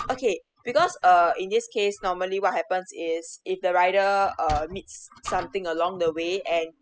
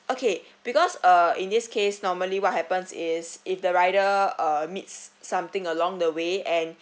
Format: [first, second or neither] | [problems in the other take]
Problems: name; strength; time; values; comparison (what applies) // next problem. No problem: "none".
second | noise reduction (classical method spectral subtraction)